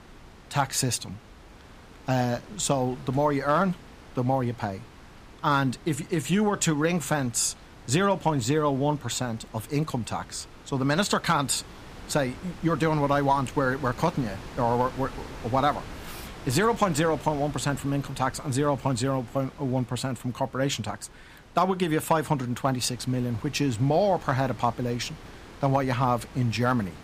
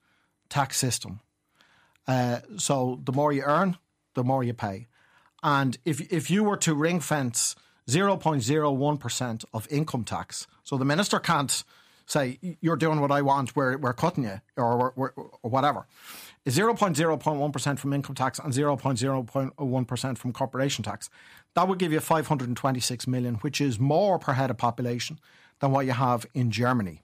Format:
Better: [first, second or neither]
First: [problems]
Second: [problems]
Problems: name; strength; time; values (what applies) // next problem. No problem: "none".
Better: second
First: wind noise on the microphone; occasional gusts; 20 dB below the speech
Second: none